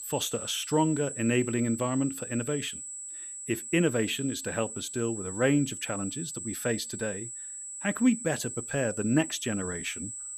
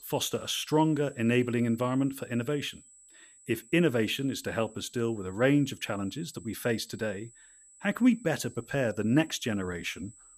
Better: second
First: high-pitched whine; loud; throughout; 8 kHz, 7 dB below the speech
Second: high-pitched whine; faint; throughout; 8 kHz, 25 dB below the speech

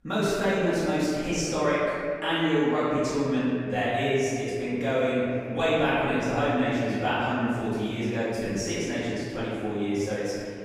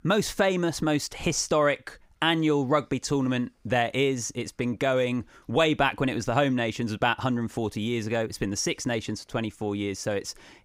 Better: second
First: off-mic speech; far // room echo; strong; dies away in 2.3 s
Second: none

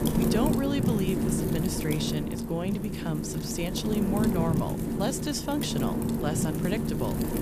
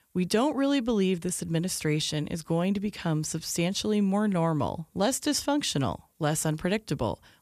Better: second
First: wind noise on the microphone; heavy; 1 dB below the speech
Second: none

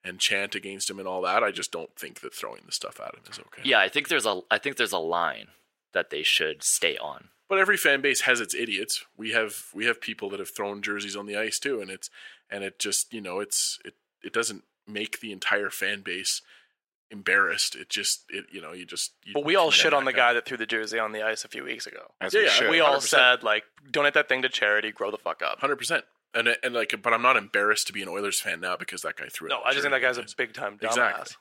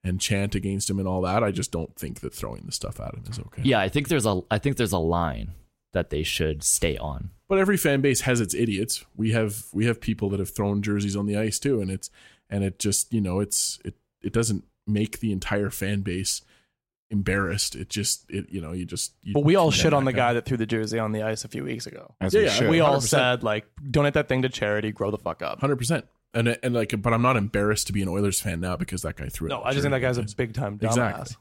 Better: second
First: thin; very; fading below 450 Hz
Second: none

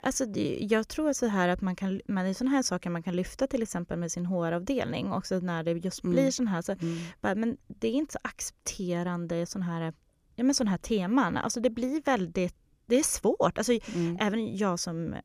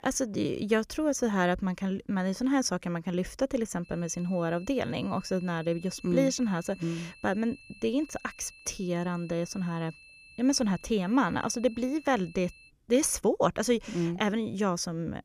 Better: first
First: none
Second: high-pitched whine; faint; from 4 to 13 s; 2.5 kHz, 20 dB below the speech

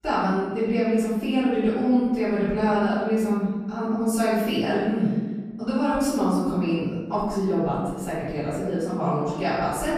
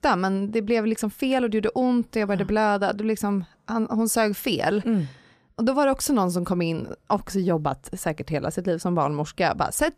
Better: second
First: off-mic speech; far // room echo; strong; dies away in 1.3 s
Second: none

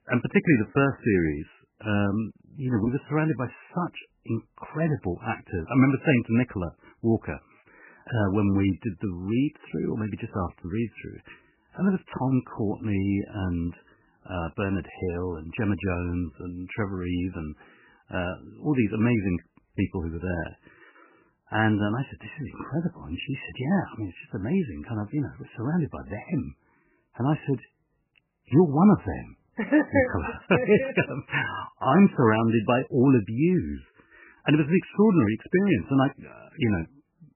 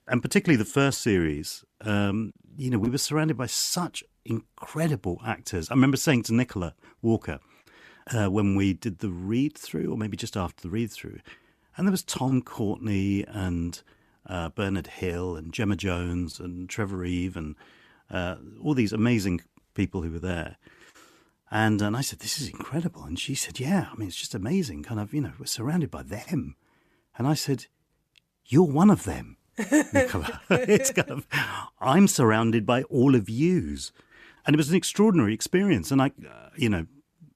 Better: second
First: garbled, watery; badly; nothing above 3 kHz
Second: none

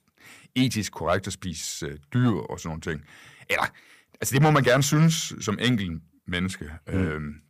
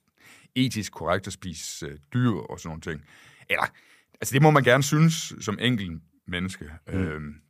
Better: second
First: distortion; slight; 10 dB below the speech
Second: none

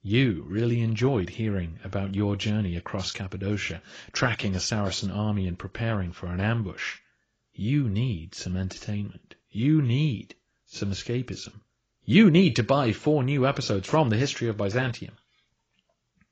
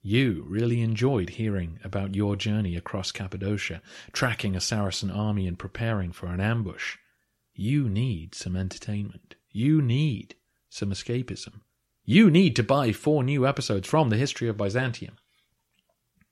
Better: second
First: garbled, watery; badly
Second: none

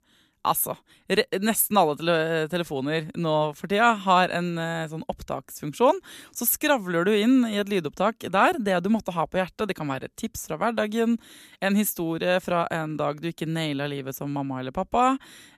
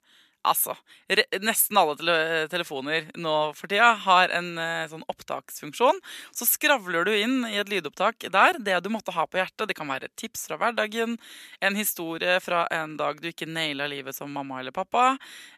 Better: first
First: none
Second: thin; somewhat; fading below 550 Hz

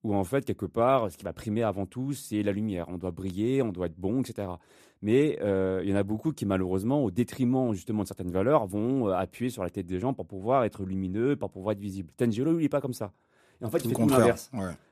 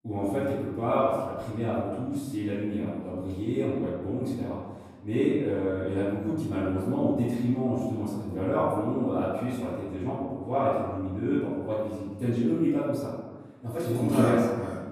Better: first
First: none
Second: off-mic speech; far // room echo; strong; dies away in 1.2 s

